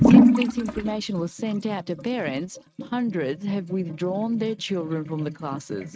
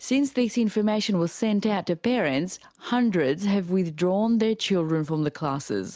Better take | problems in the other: second | noise reduction (neural mask model RNNoise)

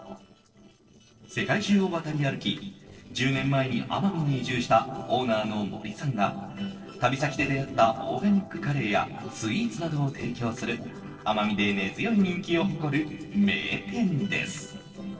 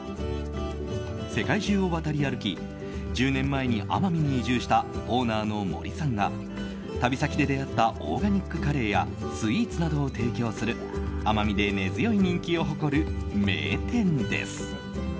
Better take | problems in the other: second | noise reduction (neural separator model SepFormer DNS4)

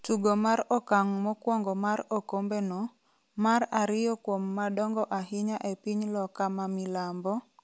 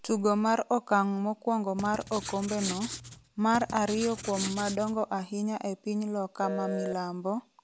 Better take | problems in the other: first | background sound (Writing + Telephone); 9 dB below the speech

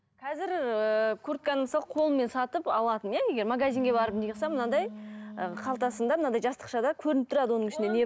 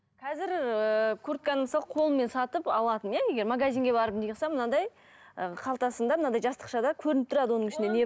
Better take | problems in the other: second | background sound (Wind instrument, woodwind instrument); 15 dB below the speech

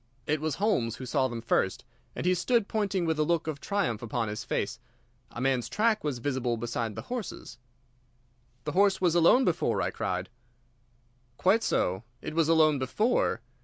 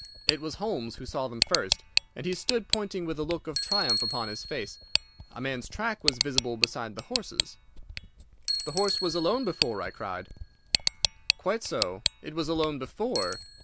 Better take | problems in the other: first | background sound (Bicycle + Tick); 1 dB above the speech

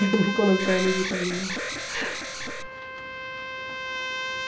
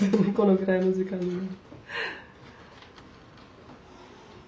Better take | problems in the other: second | background sound (Trumpet + Alarm); 4 dB below the speech

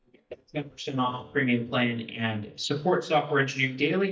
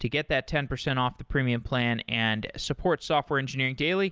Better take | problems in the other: second | noise reduction (neural mask model DeepFilterNet 3)

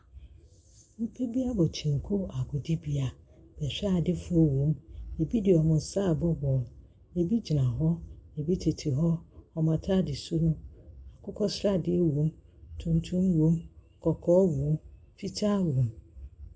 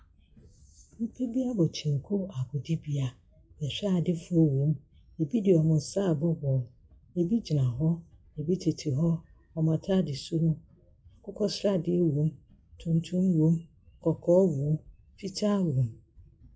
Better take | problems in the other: first | noise reduction (classical method log-MMSE)

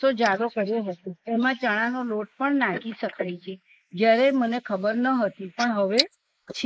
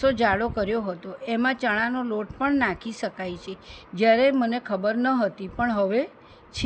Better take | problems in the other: second | noise reduction (neural mask model Resemble Enhance denoiser)

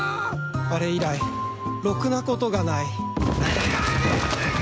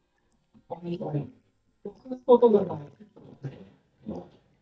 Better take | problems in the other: first | noise reduction (neural mask model DeepFilterNet 3)

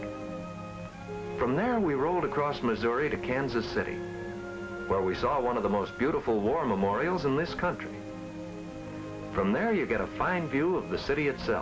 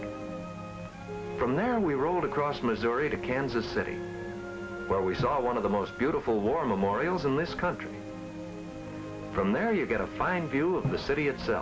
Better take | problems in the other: first | background sound (Drum); 18 dB below the speech

